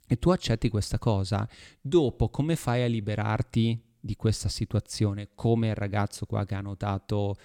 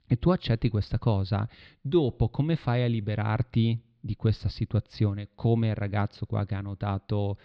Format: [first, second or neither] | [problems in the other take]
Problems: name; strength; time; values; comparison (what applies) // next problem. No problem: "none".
first | muffled; very slightly; fading above 4 kHz